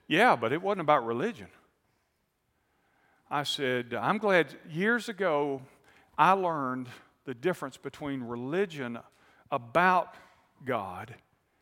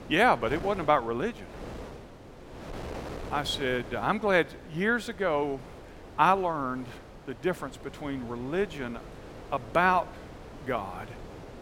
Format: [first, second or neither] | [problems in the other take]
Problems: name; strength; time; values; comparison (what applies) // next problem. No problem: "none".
first | wind noise on the microphone; occasional gusts; 20 dB below the speech